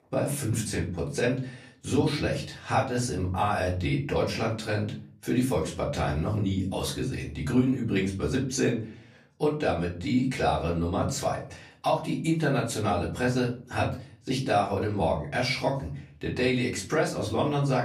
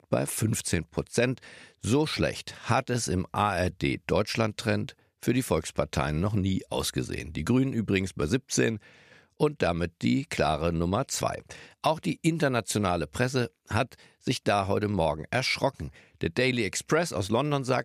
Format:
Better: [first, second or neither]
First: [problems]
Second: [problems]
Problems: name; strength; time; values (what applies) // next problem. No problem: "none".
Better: second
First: off-mic speech; far // room echo; slight; dies away in 0.4 s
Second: none